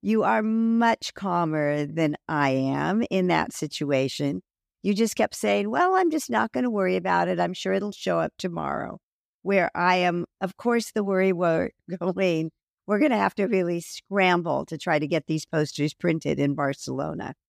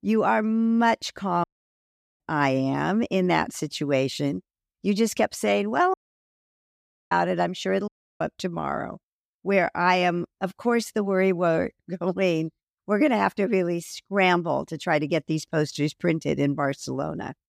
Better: first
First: none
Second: audio cutting out; at 1.5 s for 1 s, at 6 s for 1 s and at 8 s

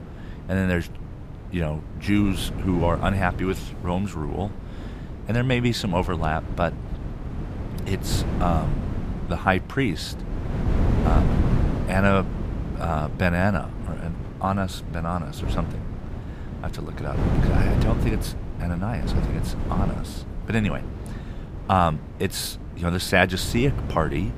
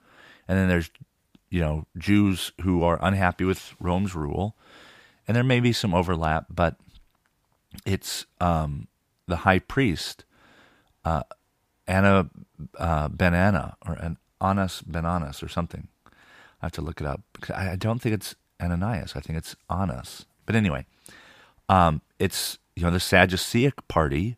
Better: second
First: wind noise on the microphone; occasional gusts; 10 dB below the speech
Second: none

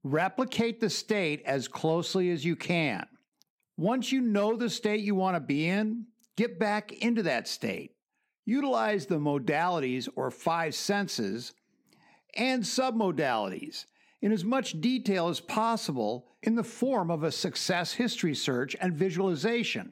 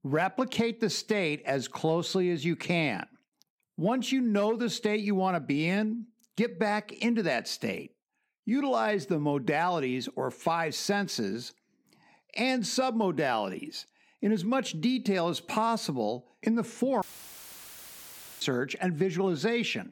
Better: first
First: none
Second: audio cutting out; filled with static; at 17 s for 1.5 s

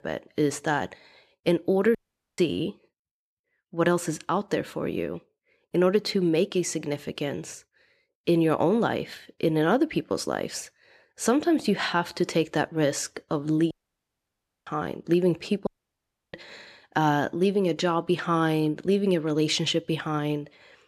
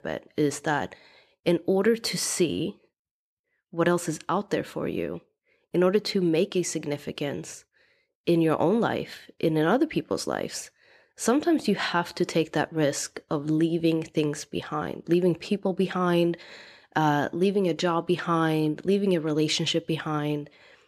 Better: second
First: audio cutting out; at 2 s, at 14 s for 1 s and at 16 s for 0.5 s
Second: none

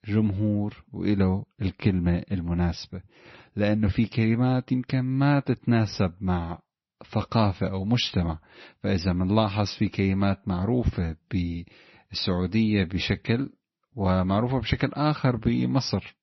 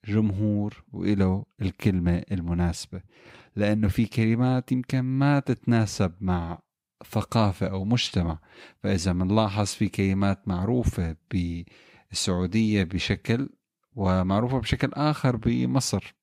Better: second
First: garbled, watery; slightly; nothing above 6 kHz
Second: none

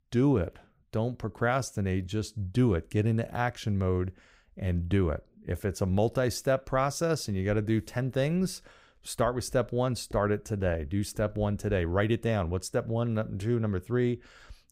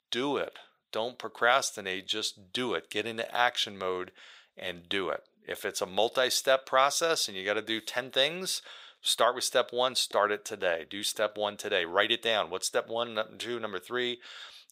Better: first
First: none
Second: thin; very; fading below 650 Hz

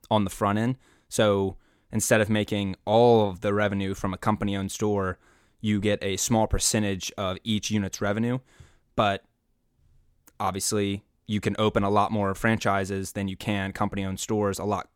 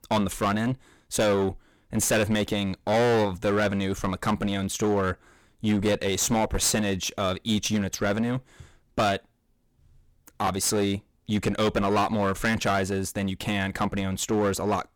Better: first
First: none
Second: distortion; heavy; 13% of the sound clipped

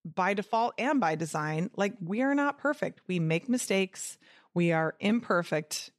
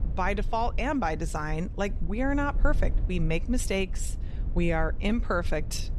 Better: first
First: none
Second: low rumble; faint; throughout; 20 dB below the speech

